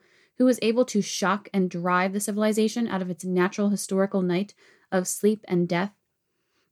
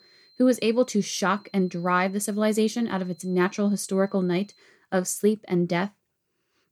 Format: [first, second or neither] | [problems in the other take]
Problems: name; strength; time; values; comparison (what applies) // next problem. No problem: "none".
first | high-pitched whine; faint; until 4.5 s; 4 kHz, 30 dB below the speech